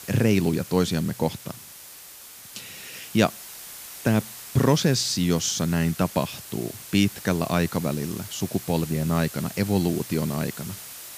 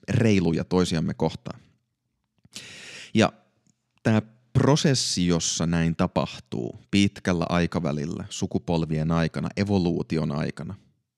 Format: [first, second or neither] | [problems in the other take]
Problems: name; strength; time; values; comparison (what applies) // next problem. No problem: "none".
second | hiss; noticeable; throughout; 15 dB below the speech